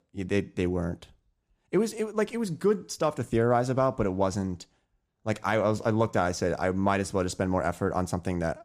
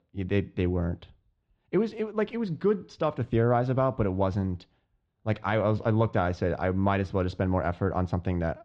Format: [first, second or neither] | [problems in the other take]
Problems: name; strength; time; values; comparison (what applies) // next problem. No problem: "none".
first | muffled; slightly; fading above 3.5 kHz